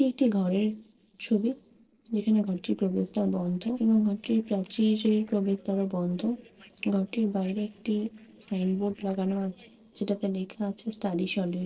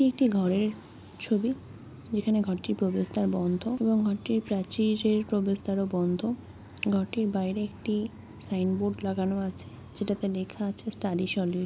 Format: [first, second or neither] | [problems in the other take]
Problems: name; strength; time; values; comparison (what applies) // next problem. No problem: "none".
second | noise reduction (neural separator model SepFormer DNS4)